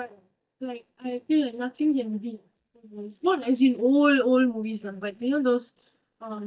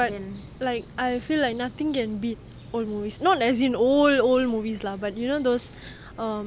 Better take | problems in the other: second | noise reduction (neural mask model DeepFilterNet 3)

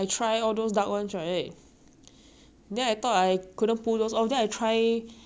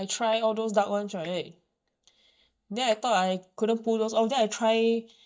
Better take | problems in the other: first | noise reduction (neural mask model DeepFilterNet 3)

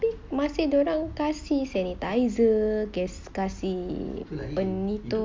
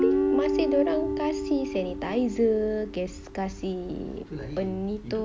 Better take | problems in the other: first | background sound (Guitar); 2 dB below the speech

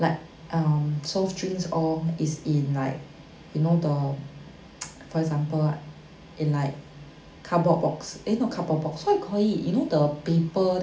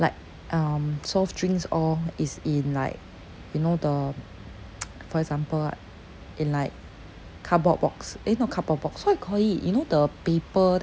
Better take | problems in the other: second | room echo; dies away in 0.4 s

